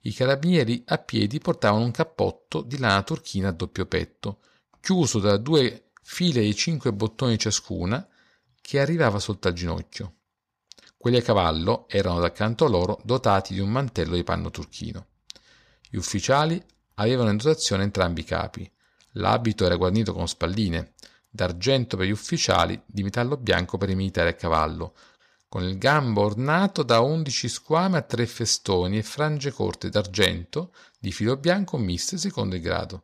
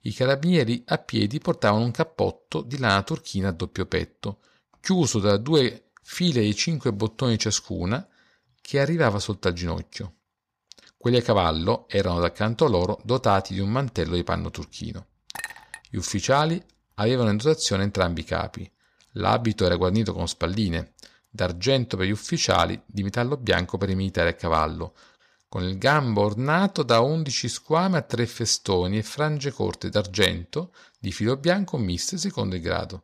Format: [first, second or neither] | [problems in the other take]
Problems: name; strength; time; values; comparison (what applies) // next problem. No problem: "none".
first | clattering dishes; faint; at 15 s; peak 10 dB below the speech